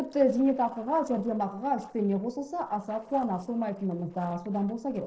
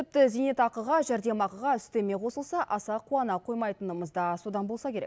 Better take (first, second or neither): second